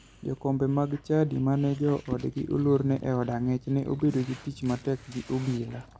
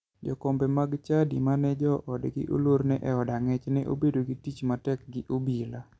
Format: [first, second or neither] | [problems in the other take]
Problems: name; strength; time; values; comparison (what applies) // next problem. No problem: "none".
second | background sound (Whoosh, swoosh, swish + Dog); 19 dB below the speech